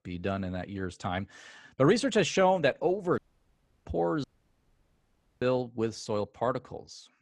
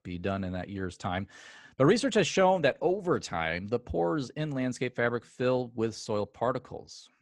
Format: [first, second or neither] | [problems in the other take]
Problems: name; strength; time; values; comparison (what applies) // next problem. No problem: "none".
second | audio cutting out; at 3 s for 0.5 s and at 4 s for 1 s